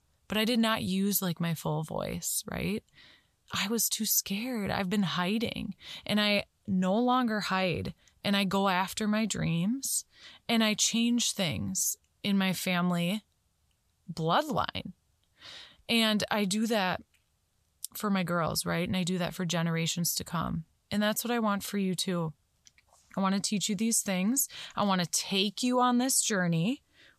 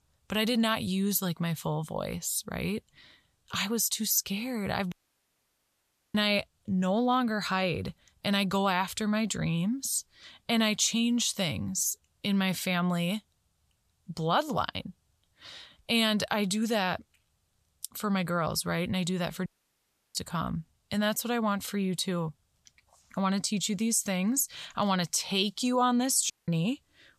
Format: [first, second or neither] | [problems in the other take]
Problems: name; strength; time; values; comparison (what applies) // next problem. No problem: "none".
first | audio cutting out; at 5 s for 1 s, at 19 s for 0.5 s and at 26 s